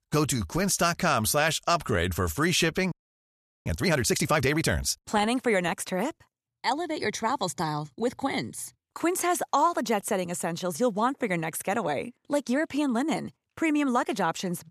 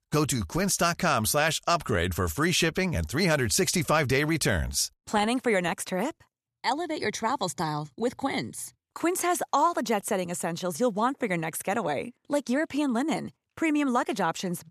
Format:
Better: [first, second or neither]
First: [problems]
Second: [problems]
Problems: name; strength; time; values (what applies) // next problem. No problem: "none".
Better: second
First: audio freezing; at 3 s for 0.5 s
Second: none